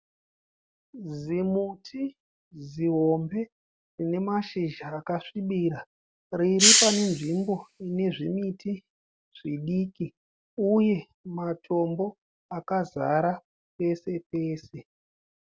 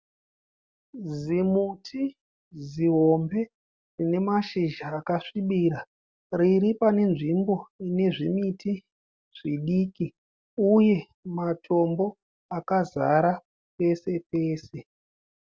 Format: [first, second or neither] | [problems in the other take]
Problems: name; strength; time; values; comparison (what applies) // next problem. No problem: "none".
second | background sound (Hiss); 5 dB above the speech